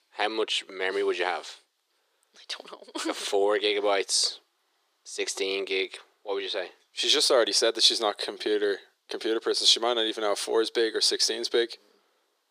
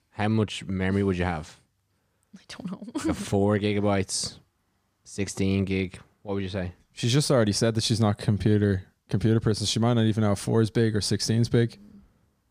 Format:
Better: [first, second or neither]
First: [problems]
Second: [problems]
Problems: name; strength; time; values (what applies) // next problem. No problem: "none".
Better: second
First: thin; very; fading below 350 Hz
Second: none